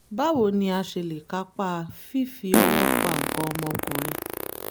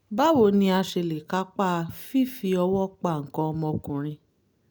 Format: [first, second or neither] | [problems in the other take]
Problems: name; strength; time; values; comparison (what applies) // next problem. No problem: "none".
second | background sound (Fart); as loud as the speech